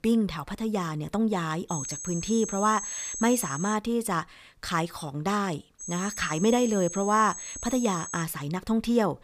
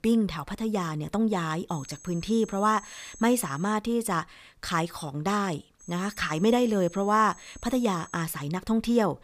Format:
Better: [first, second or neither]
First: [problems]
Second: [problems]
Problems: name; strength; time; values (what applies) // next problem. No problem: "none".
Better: second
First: high-pitched whine; loud; from 1.5 to 3.5 s and from 6 to 8 s; 6.5 kHz, 7 dB below the speech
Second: high-pitched whine; faint; from 1.5 to 3.5 s and from 6 to 8 s; 6.5 kHz, 20 dB below the speech